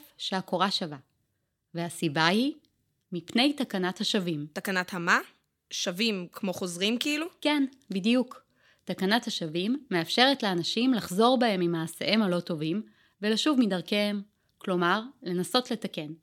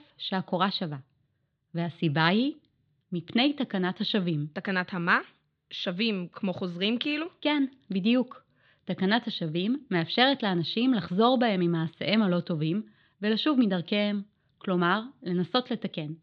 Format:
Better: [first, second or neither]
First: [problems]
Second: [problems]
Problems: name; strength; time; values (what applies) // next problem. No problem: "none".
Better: first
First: none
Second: muffled; very slightly; fading above 4 kHz